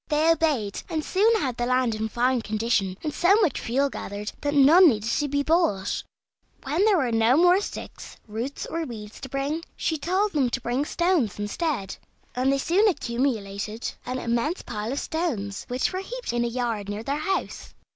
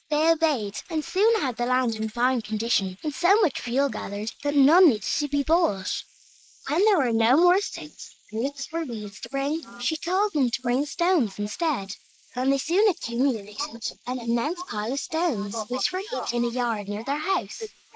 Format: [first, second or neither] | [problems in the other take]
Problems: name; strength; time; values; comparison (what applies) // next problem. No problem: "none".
first | noise reduction (neural mask model Resemble Enhance denoiser)